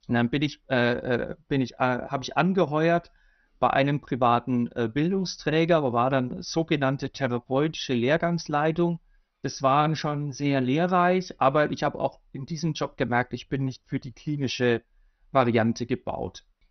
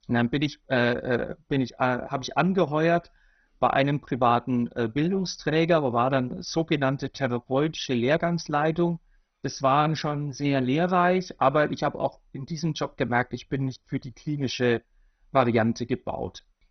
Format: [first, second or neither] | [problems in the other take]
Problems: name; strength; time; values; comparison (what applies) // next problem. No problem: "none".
first | garbled, watery; badly; nothing above 6 kHz; slightly in the first